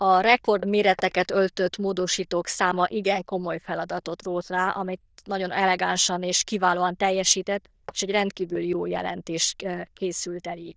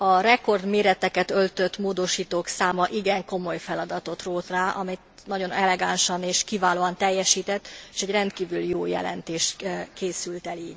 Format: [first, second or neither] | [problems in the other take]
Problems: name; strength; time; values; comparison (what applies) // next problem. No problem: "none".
second | noise reduction (neural diffusion model UNIVERSE++)